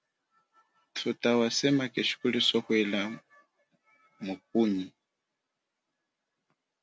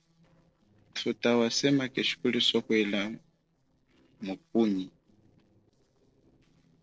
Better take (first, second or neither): first